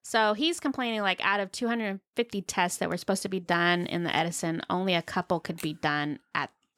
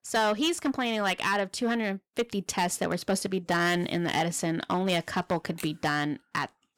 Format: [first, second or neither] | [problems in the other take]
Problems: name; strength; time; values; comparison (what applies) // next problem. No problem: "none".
first | distortion; slight; 5% of the sound clipped